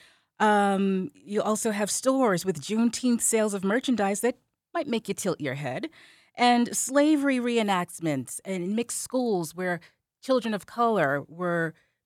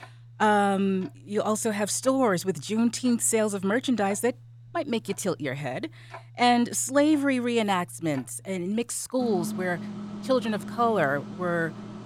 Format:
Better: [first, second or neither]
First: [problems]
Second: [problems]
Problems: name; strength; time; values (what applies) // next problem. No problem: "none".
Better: first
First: none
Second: household noises; noticeable; throughout; 15 dB below the speech